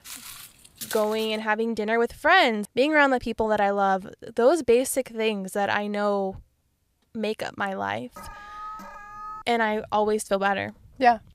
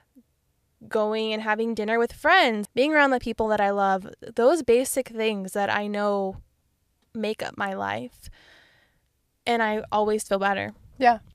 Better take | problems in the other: second | footsteps; faint; until 1.5 s; peak 10 dB below the speech // alarm; faint; from 8 to 9.5 s; peak 15 dB below the speech

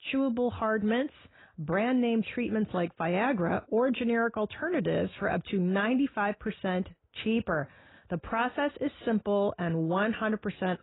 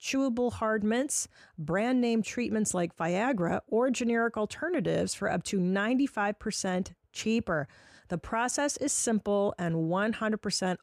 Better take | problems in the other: second | garbled, watery; badly; nothing above 4 kHz

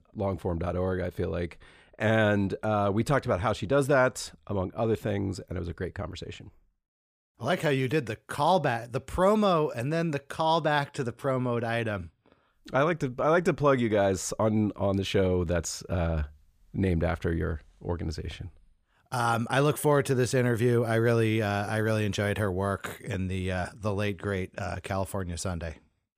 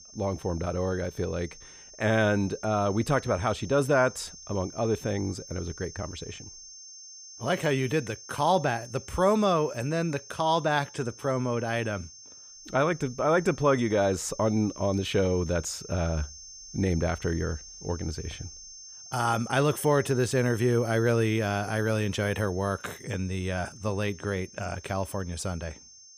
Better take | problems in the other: first | high-pitched whine; noticeable; throughout; 6.5 kHz, 15 dB below the speech

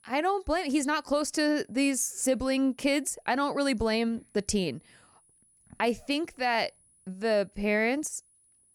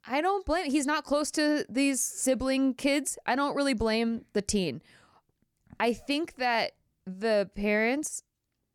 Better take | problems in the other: second | high-pitched whine; faint; throughout; 10 kHz, 35 dB below the speech

